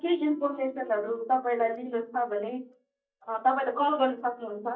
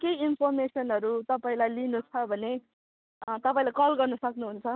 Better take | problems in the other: second | noise reduction (neural mask model DeepFilterNet 3)

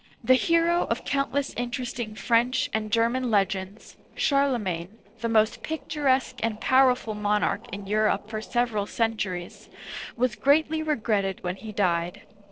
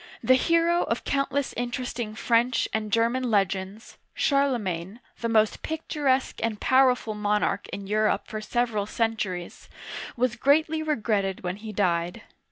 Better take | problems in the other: second | noise reduction (neural separator model SepFormer DNS4)

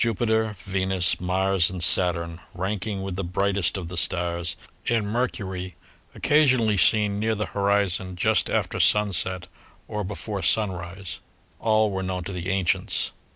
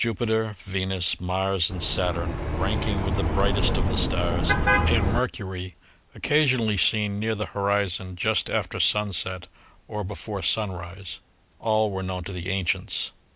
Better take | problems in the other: first | background sound (Car passing by); 4 dB above the speech

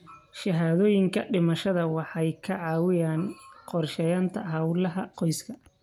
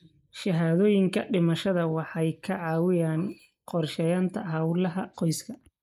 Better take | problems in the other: first | noise reduction (neural mask model Resemble Enhance denoiser)

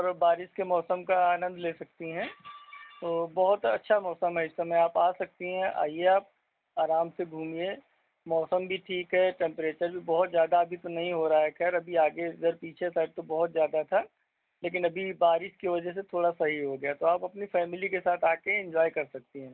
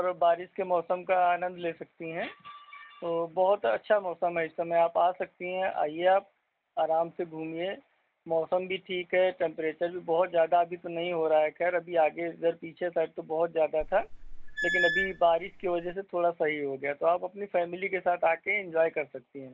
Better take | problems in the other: first | background sound (Squeak / Screech); 4 dB below the speech

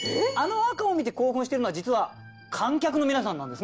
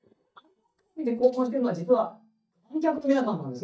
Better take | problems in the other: first | noise reduction (neural mask model DeepFilterNet 3)

